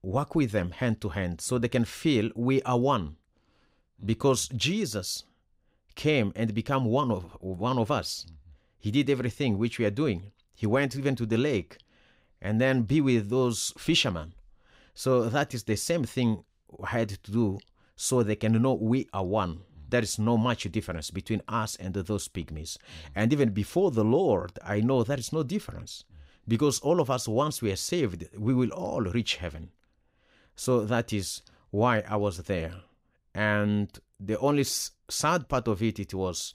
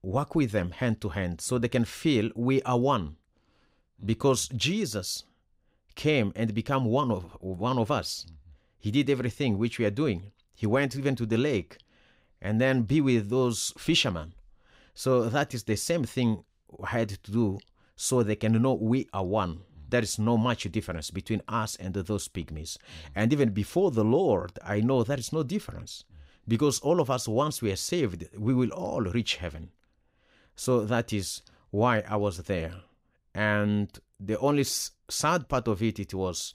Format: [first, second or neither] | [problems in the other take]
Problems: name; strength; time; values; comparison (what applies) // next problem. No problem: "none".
neither | none